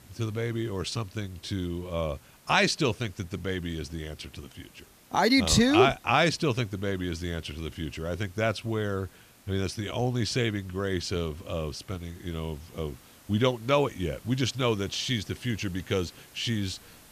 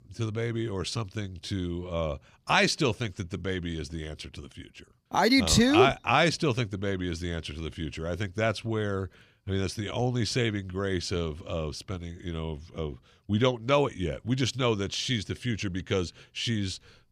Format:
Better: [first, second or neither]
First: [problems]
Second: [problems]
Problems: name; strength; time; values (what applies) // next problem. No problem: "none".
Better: second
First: hiss; faint; throughout; 25 dB below the speech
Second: none